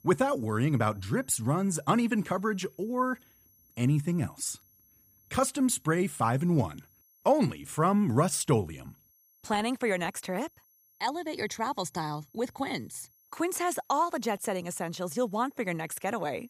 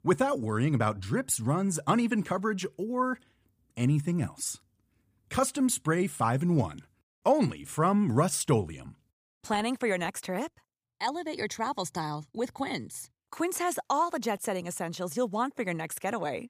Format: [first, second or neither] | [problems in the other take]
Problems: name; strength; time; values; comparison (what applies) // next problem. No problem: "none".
second | high-pitched whine; faint; throughout; 11.5 kHz, 30 dB below the speech